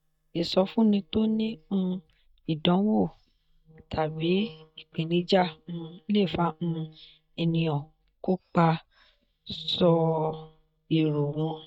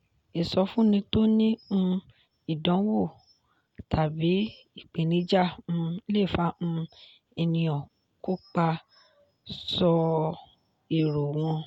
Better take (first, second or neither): second